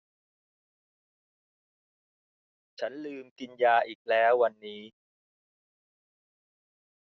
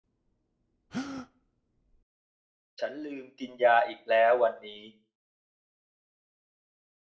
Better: first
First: none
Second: background sound (Gasp); 12 dB below the speech // room echo; dies away in 0.4 s

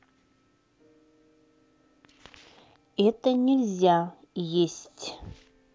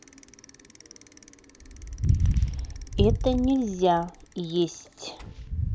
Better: first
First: none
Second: background sound (Bicycle); as loud as the speech

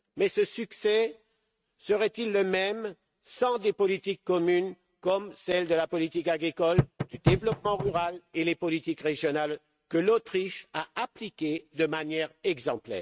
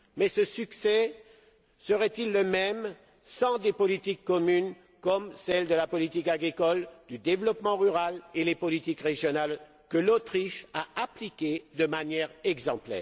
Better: second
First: noise reduction (neural mask model RNNoise)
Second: none

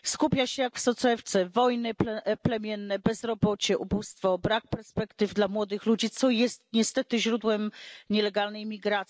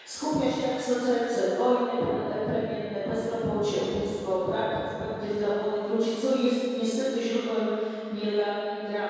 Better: first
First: none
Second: room echo; dies away in 2.2 s

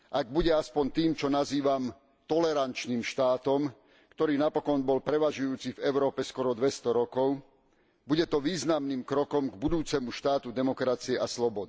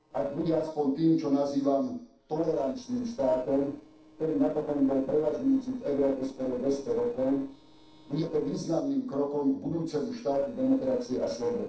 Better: first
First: none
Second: noise reduction (neural separator model SepFormer DNS4)

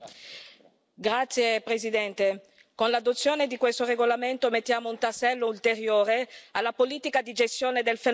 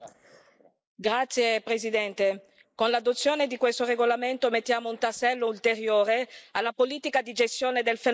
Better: first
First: none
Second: noise reduction (neural mask model Resemble Enhance denoiser)

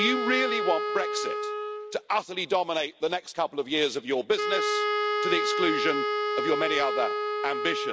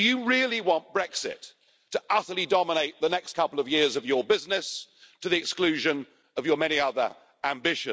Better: second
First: background sound (Wind instrument, woodwind instrument); 1 dB below the speech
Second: none

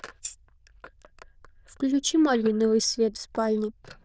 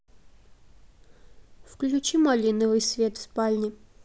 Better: second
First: noise reduction (neural diffusion model UNIVERSE++)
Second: none

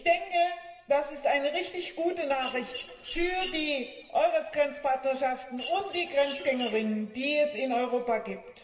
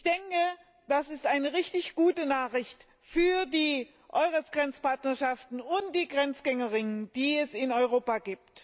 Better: second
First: background sound (Mechanisms); 12 dB below the speech // room echo; dies away in 1.4 s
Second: none

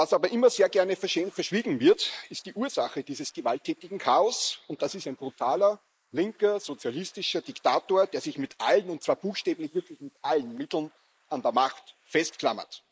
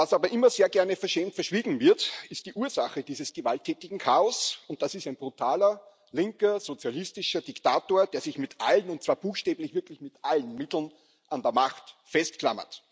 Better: second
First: noise reduction (neural mask model Resemble Enhance denoiser)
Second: none

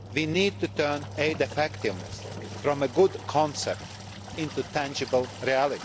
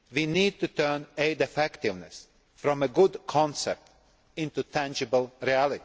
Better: second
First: background sound (Engine); 12 dB below the speech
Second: none

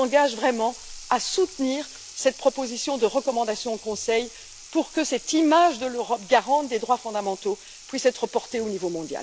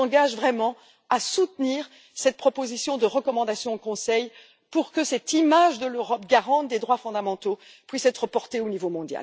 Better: second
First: background sound (Sink (filling or washing) / Water tap, faucet); 18 dB below the speech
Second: none

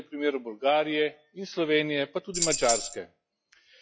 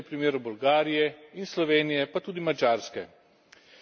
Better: second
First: noise reduction (classical method log-MMSE)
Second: none

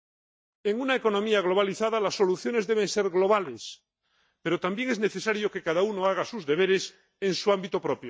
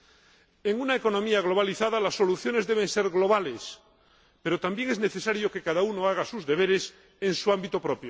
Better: second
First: noise reduction (neural mask model DeepFilterNet 3)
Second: none

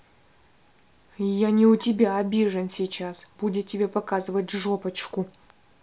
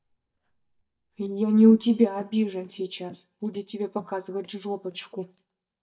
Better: first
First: none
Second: noise reduction (neural mask model DeepFilterNet 3)

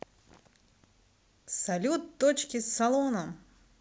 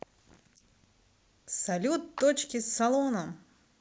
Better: first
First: none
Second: noise reduction (neural mask model Resemble Enhance denoiser)

